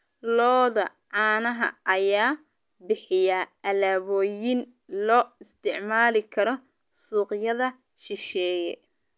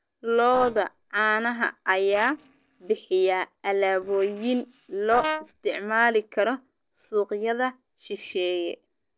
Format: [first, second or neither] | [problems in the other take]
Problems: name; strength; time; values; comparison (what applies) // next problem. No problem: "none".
first | noise reduction (neural separator model SepFormer DNS4)